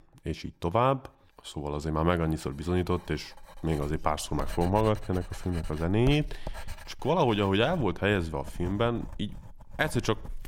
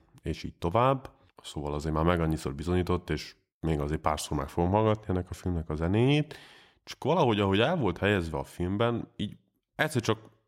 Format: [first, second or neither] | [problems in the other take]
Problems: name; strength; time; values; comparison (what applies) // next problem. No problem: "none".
second | household noises; noticeable; throughout; 15 dB below the speech